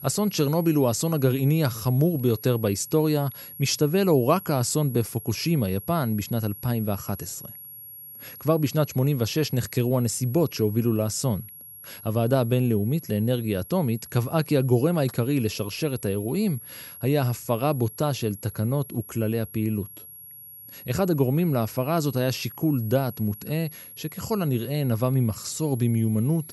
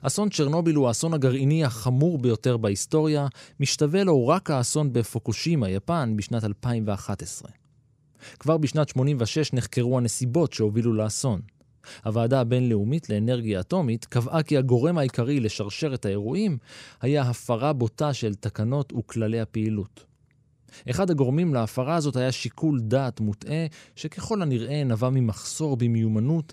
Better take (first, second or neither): second